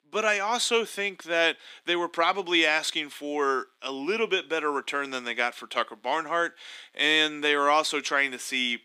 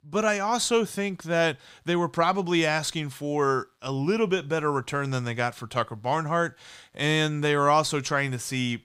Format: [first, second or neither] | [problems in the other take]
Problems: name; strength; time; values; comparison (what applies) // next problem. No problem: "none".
second | thin; somewhat; fading below 250 Hz